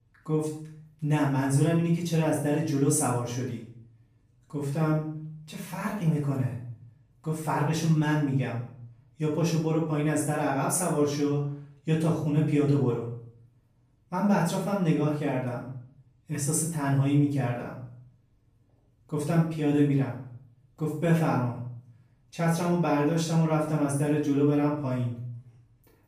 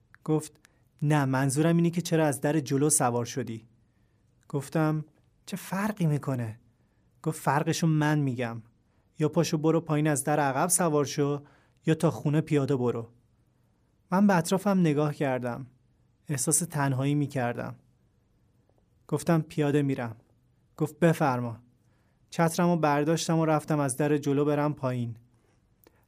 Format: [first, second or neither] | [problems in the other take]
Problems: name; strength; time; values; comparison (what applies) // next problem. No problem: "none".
second | off-mic speech; far // room echo; noticeable; dies away in 0.5 s